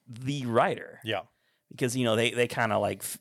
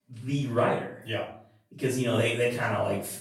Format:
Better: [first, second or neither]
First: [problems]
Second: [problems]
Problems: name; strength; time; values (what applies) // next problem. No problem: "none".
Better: first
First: none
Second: off-mic speech; far // room echo; noticeable; dies away in 0.5 s